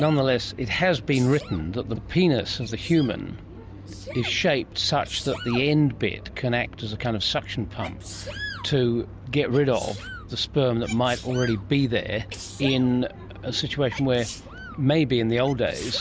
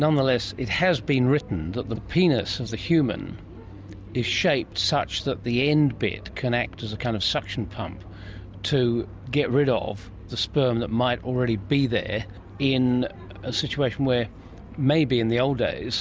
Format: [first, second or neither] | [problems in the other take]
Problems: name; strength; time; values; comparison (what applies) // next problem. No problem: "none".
second | background sound (Sneeze); 18 dB below the speech